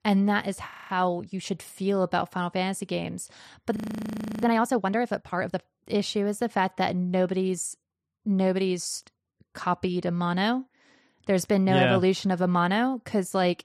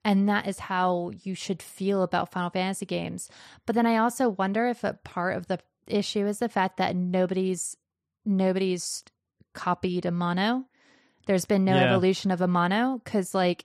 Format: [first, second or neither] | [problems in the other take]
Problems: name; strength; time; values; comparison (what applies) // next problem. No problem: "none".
second | audio freezing; at 0.5 s and at 4 s for 0.5 s